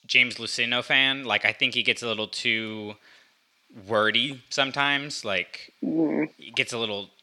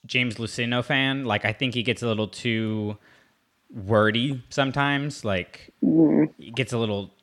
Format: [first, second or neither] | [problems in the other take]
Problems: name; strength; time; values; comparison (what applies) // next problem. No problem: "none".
second | thin; very slightly; fading below 500 Hz